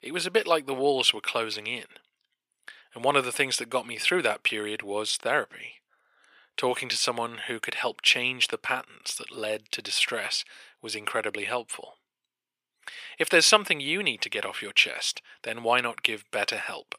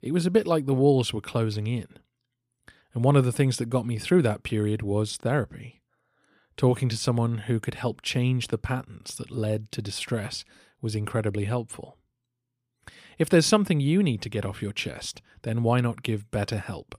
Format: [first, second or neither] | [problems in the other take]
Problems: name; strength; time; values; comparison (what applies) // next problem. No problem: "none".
second | thin; very; fading below 600 Hz